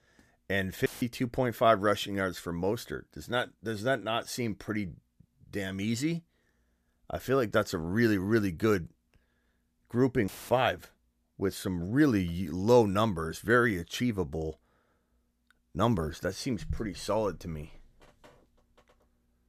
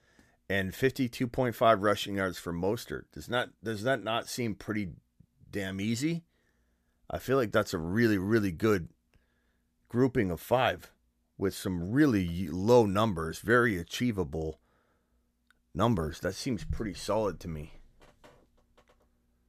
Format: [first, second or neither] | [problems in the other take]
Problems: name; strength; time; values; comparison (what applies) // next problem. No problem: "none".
second | audio cutting out; filled with static; at 1 s and at 10 s